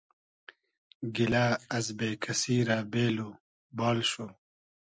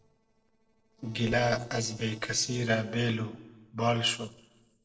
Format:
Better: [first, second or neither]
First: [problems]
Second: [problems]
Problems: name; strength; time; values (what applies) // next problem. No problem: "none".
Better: first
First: none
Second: noise reduction (neural separator model SepFormer DNS4)